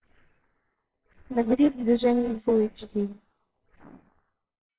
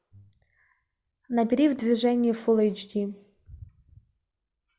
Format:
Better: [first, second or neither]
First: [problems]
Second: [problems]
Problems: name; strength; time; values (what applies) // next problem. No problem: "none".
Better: second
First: noise reduction (neural separator model SepFormer WHAMR!)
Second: none